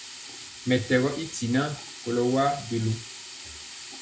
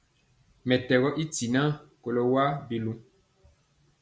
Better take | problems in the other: second | background sound (Sink (filling or washing)); 13 dB below the speech // room echo; dies away in 0.2 s

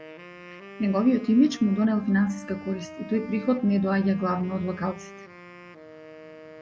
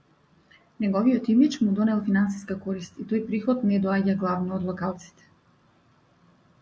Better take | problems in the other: second | background sound (Wind instrument, woodwind instrument); 18 dB below the speech

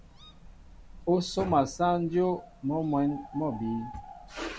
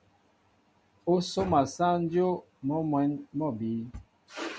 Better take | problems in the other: second | background sound (Bird); 17 dB below the speech

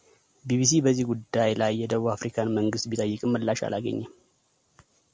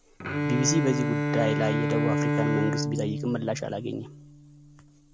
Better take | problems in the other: first | background sound (Bowed string instrument); 1 dB above the speech

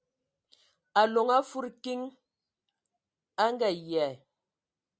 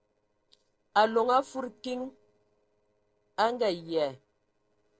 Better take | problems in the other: first | noise reduction (neural separator model SepFormer DNS4)

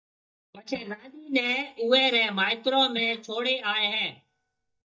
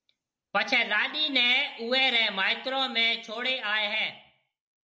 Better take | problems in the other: second | noise reduction (neural mask model DeepFilterNet 3)

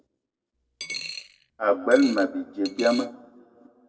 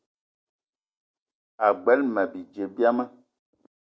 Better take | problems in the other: second | background sound (Coin (dropping)); 13 dB below the speech // room echo; dies away in 1.2 s

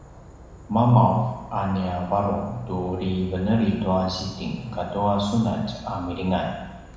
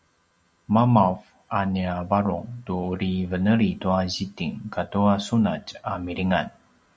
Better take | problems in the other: second | background sound (Insect / Frog); 19 dB below the speech // room echo; dies away in 1 s

